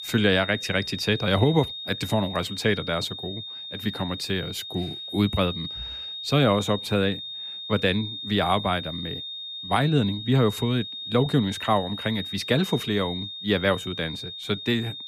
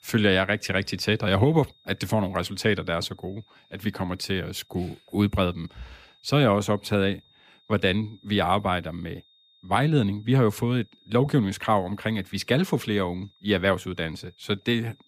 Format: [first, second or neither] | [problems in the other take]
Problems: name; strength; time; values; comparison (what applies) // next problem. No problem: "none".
second | high-pitched whine; loud; throughout; 3.5 kHz, 8 dB below the speech; faint in the second